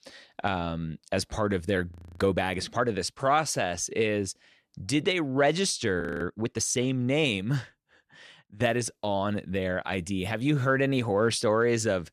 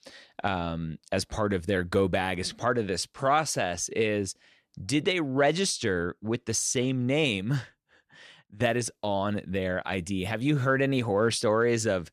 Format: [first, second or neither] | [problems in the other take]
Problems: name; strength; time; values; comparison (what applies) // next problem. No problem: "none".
second | audio freezing; at 2 s and at 6 s